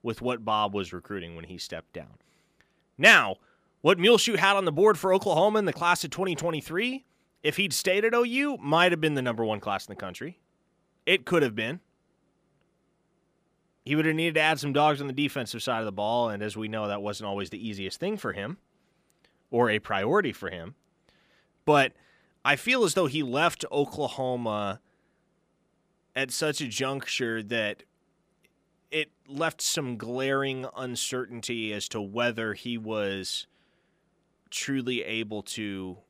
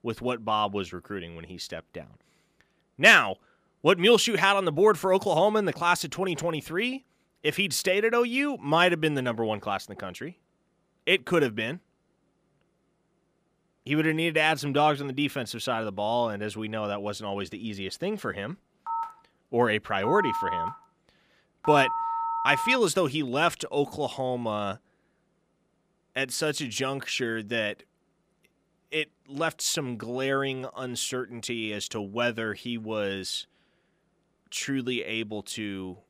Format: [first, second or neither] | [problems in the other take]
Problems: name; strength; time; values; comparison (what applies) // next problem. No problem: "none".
first | phone ringing; noticeable; from 19 to 23 s; peak 3 dB below the speech